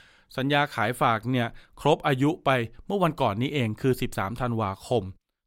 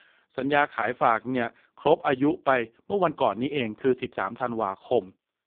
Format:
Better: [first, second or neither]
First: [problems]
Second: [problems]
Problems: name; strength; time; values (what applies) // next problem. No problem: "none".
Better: first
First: none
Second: phone-call audio; poor line